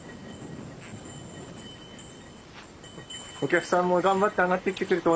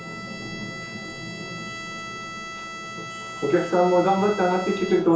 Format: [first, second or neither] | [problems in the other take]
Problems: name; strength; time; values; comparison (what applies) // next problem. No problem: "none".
first | background sound (Bowed string instrument); 11 dB below the speech // room echo; dies away in 0.6 s